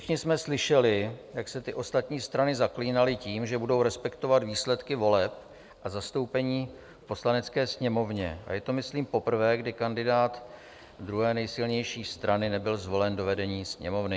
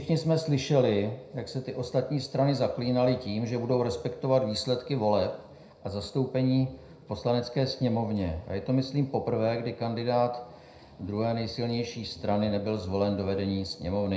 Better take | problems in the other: first | room echo; dies away in 0.4 s

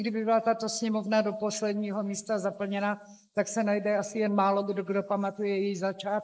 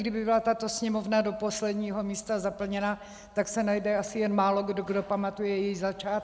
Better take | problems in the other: second | noise reduction (neural mask model Resemble Enhance denoiser)

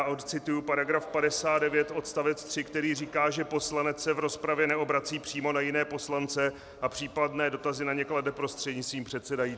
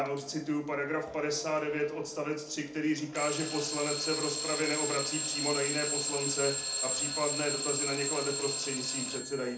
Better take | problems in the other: first | background sound (Alarm / Clock); 1 dB below the speech // room echo; dies away in 0.4 s

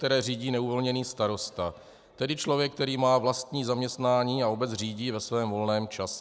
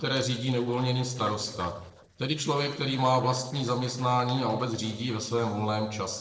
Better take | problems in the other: first | noise reduction (neural separator model SepFormer DNS4)

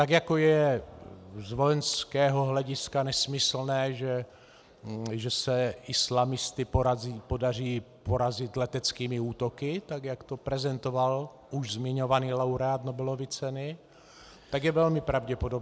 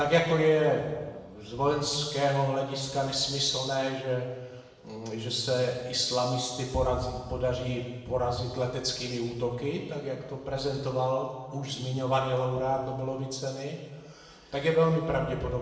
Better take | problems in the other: first | room echo; dies away in 1.2 s

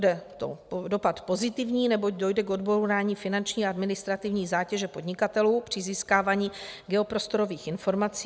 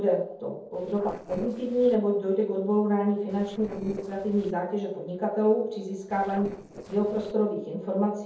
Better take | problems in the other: first | noise reduction (neural separator model SepFormer DNS4)

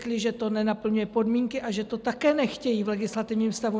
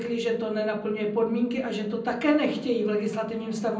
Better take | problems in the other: first | room echo; dies away in 0.6 s

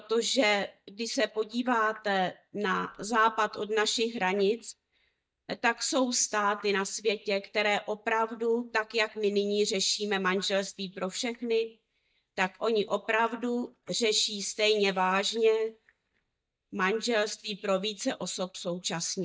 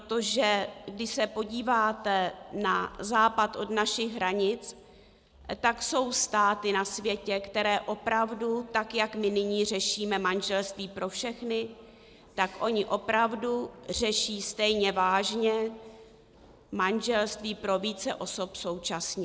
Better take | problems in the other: second | noise reduction (neural mask model DeepFilterNet 3)

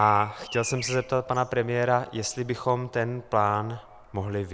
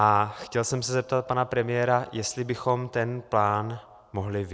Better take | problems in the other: second | background sound (Bird vocalization, bird call, bird song); 19 dB below the speech

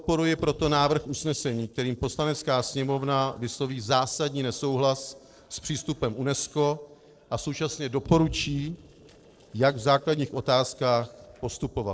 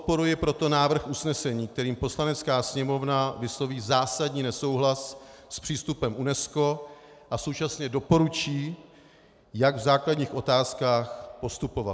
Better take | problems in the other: second | noise reduction (neural separator model SepFormer DNS4)

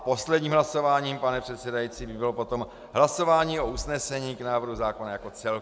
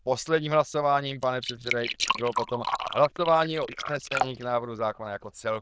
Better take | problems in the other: first | noise reduction (neural diffusion model UNIVERSE++)

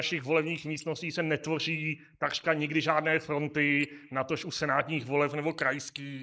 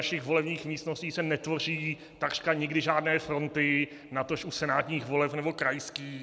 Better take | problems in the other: second | noise reduction (neural mask model Resemble Enhance denoiser)

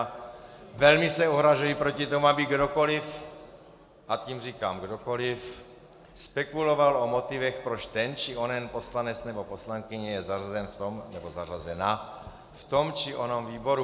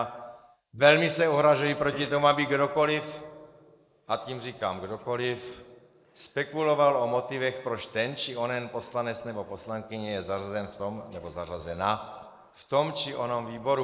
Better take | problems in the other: first | noise reduction (neural mask model Resemble Enhance denoiser)

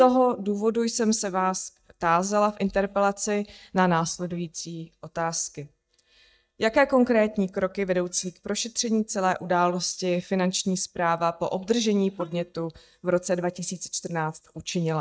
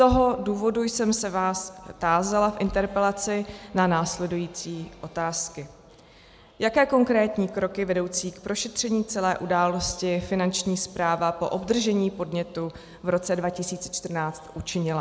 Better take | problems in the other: second | noise reduction (neural mask model DeepFilterNet 3)

